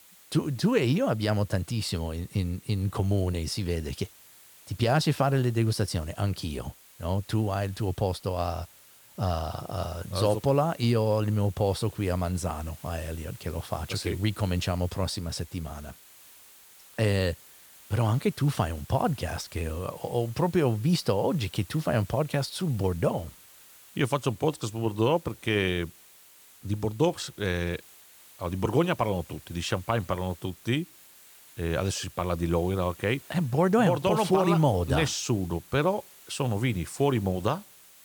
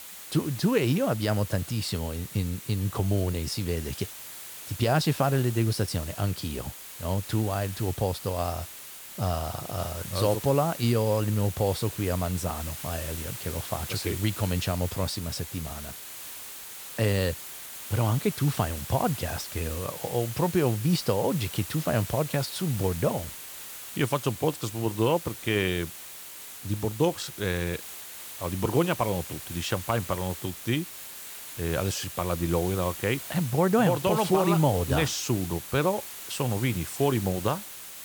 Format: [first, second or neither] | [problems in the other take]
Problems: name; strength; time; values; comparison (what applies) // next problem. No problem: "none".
first | hiss; loud; throughout; 10 dB below the speech; faint in the first